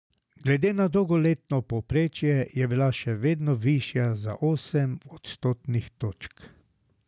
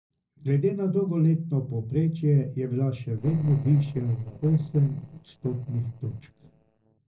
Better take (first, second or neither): first